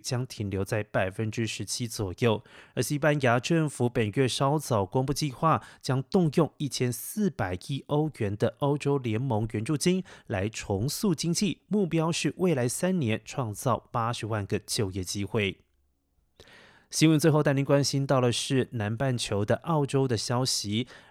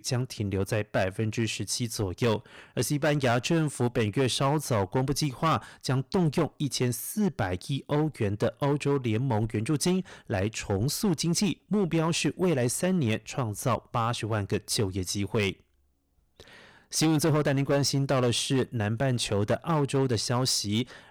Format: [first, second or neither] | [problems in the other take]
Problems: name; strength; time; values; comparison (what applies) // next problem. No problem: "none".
first | distortion; slight; 7% of the sound clipped